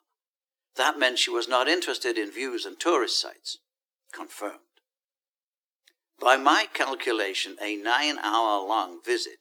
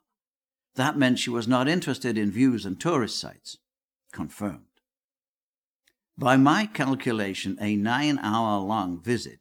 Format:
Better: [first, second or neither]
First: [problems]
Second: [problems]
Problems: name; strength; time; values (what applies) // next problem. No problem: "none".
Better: second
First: thin; very; fading below 350 Hz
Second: none